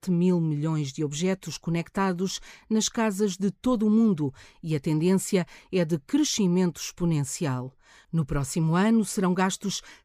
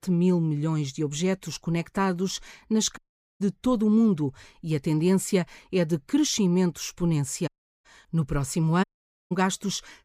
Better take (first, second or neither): first